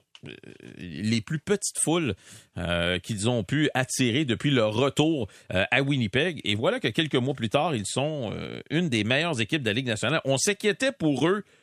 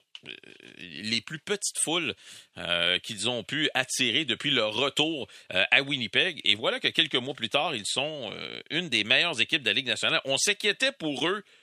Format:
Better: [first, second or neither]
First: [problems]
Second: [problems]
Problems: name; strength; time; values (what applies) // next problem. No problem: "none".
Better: first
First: none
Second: thin; very slightly; fading below 450 Hz